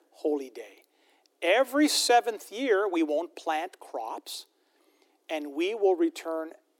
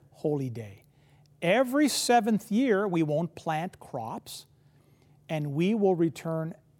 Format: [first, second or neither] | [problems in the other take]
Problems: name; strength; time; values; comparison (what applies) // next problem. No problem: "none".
second | thin; very slightly; fading below 300 Hz